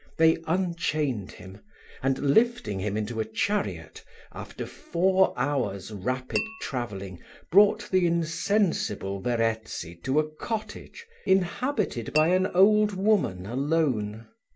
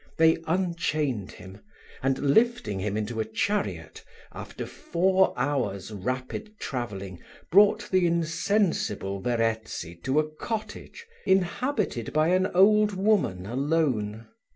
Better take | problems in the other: second | background sound (Tap / Glass); 12 dB below the speech

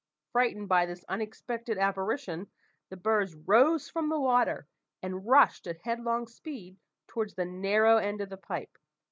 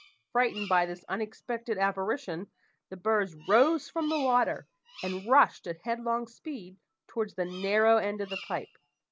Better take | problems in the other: first | background sound (Bird vocalization, bird call, bird song); 20 dB below the speech

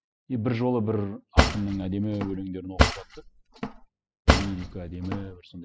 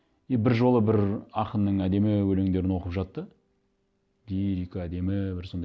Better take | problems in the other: second | noise reduction (classical method spectral subtraction)

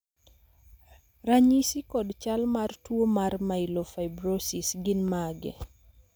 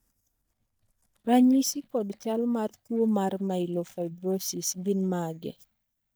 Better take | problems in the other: first | noise reduction (neural mask model DeepFilterNet 3)

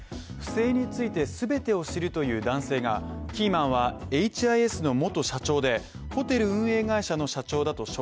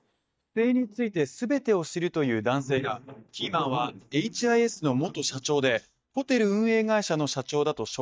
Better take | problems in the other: first | noise reduction (neural mask model DeepFilterNet 3)

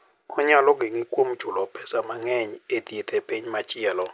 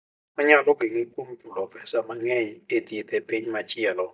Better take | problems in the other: first | noise reduction (neural mask model DeepFilterNet 3)

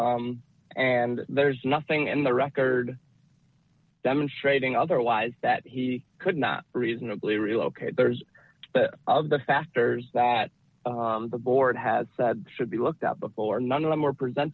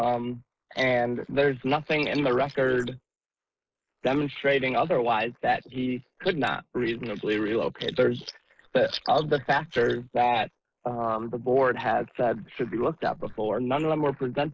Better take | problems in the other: first | noise reduction (neural mask model Resemble Enhance denoiser)

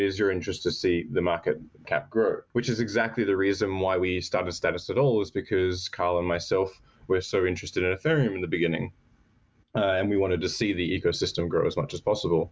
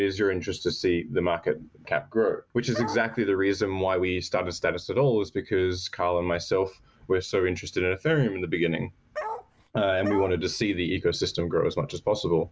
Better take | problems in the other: first | background sound (Bark); 9 dB below the speech

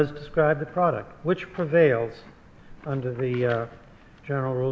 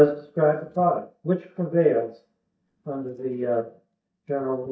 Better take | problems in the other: first | noise reduction (neural mask model DeepFilterNet 3)

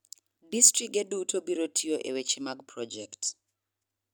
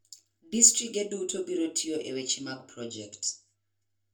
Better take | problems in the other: first | room echo; dies away in 0.2 s

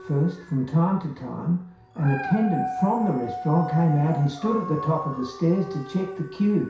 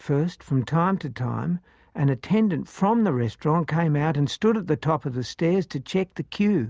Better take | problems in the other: second | background sound (Dog); 10 dB below the speech // room echo; dies away in 0.6 s

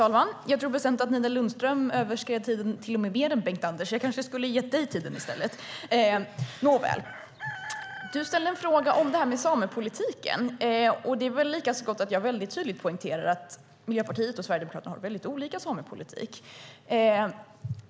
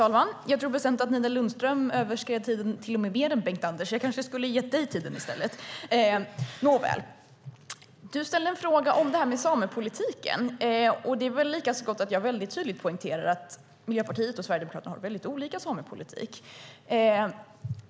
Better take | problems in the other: second | background sound (Chicken, rooster); 14 dB below the speech

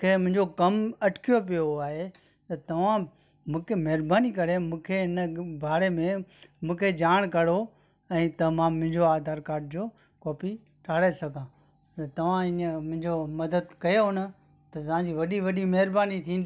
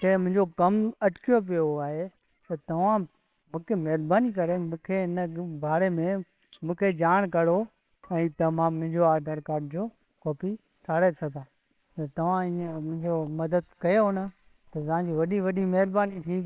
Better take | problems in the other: first | noise reduction (neural separator model SepFormer WHAMR!)

